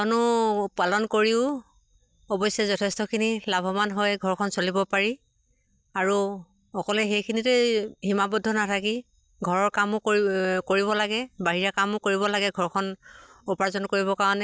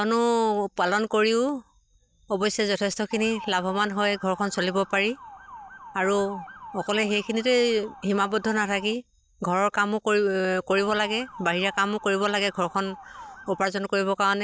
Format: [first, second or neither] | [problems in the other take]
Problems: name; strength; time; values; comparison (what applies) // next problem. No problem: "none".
first | background sound (Motor vehicle (road) / Siren); 18 dB below the speech